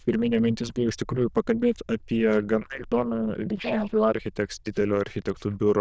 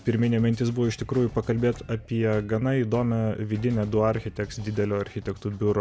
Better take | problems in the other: second | noise reduction (neural diffusion model UNIVERSE++)

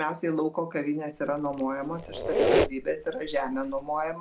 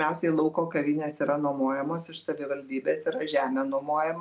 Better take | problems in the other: second | background sound (Squeak); as loud as the speech

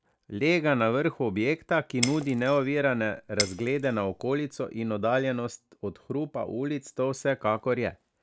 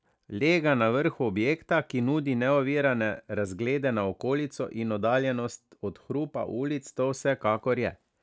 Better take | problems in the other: second | background sound (Shatter); 9 dB below the speech

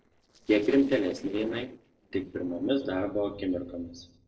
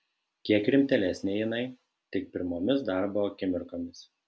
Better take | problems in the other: second | noise reduction (neural separator model SepFormer DNS4)

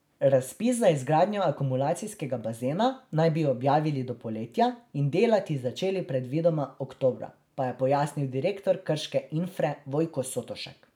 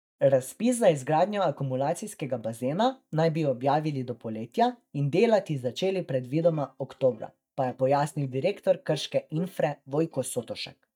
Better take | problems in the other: first | noise reduction (neural mask model DeepFilterNet 3)

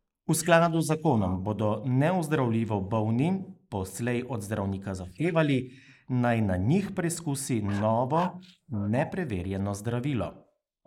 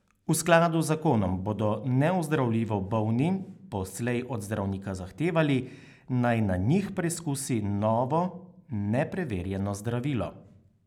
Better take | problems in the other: second | noise reduction (neural mask model Resemble Enhance denoiser)

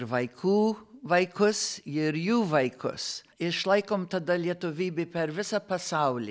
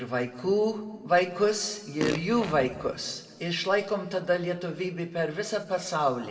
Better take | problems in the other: first | background sound (Fart); 6 dB below the speech // room echo; dies away in 1.2 s

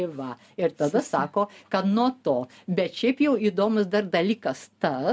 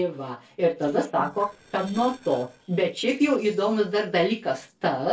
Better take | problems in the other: first | noise reduction (neural separator model SepFormer DNS4)

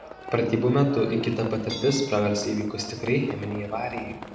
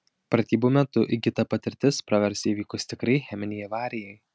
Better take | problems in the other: second | background sound (Livestock, farm animals, working animals); 14 dB below the speech // room echo; dies away in 0.9 s

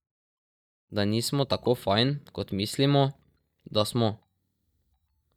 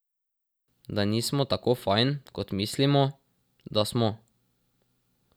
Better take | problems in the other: second | noise reduction (neural mask model DeepFilterNet 3)

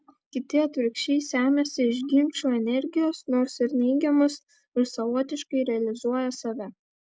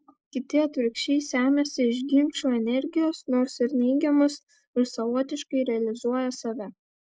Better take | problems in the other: first | noise reduction (neural mask model Resemble Enhance denoiser)

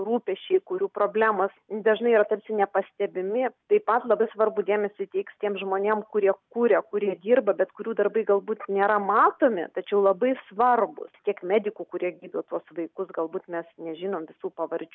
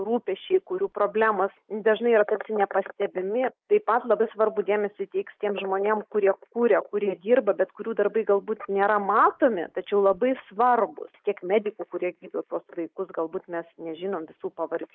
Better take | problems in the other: first | noise reduction (neural mask model Resemble Enhance denoiser)

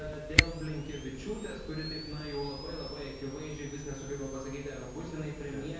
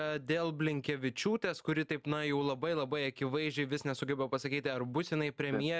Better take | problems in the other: second | background sound (Camera); 1 dB above the speech // room echo; dies away in 1.2 s

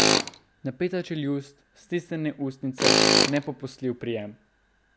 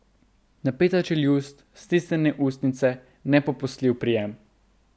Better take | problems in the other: second | background sound (Tools); 4 dB above the speech

